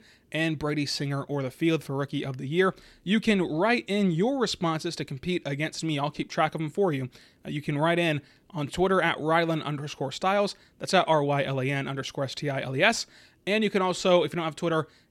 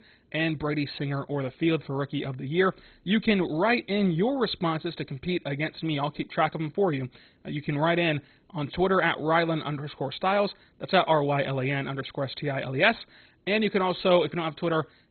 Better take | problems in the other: first | garbled, watery; badly; nothing above 4 kHz

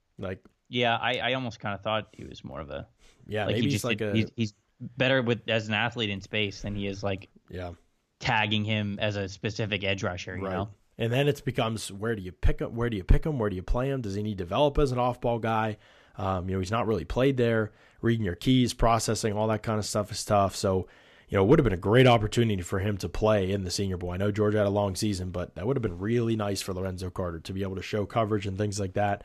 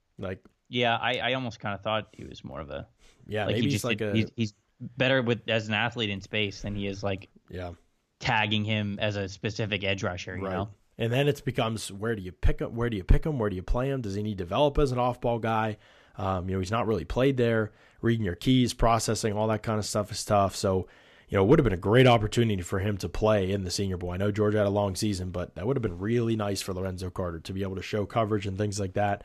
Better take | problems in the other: neither | none

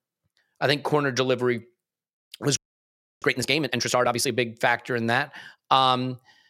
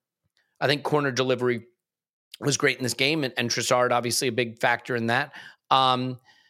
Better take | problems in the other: second | audio freezing; at 2.5 s for 0.5 s

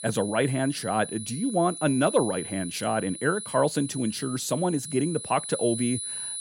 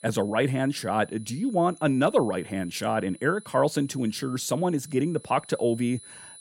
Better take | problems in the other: second | high-pitched whine; loud; throughout; 10 kHz, 8 dB below the speech; faint in the second

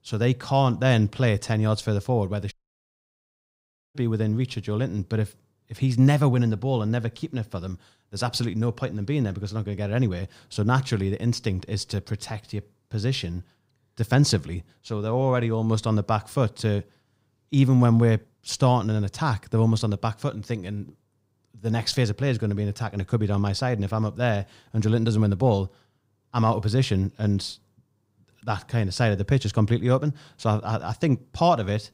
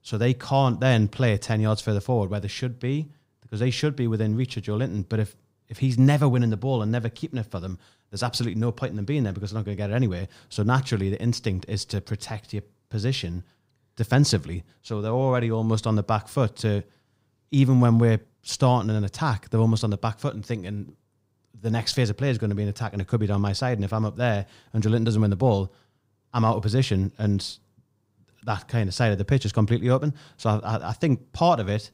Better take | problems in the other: second | audio cutting out; at 2.5 s for 1.5 s

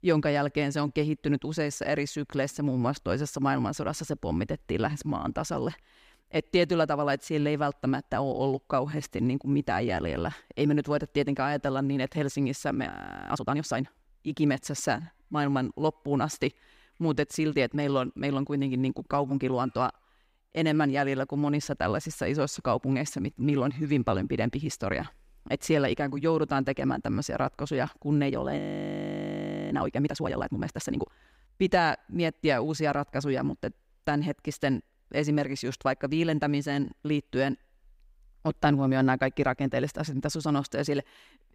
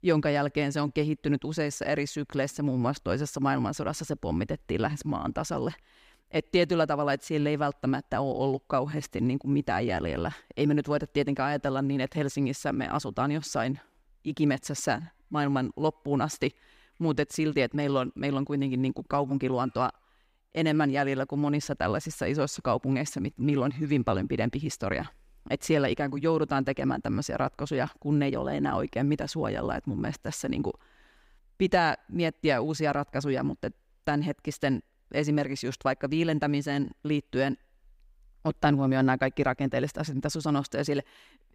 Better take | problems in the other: second | audio freezing; at 13 s and at 29 s for 1 s

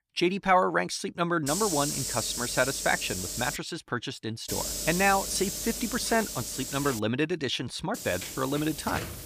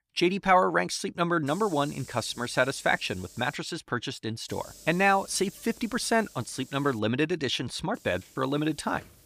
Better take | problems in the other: second | hiss; loud; from 1.5 to 3.5 s, from 4.5 to 7 s and from 8 s on; 4 dB below the speech; faint in the second

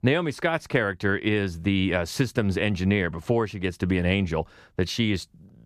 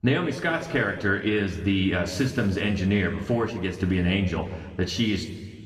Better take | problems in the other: first | room echo; noticeable; dies away in 1.5 s // off-mic speech; somewhat distant

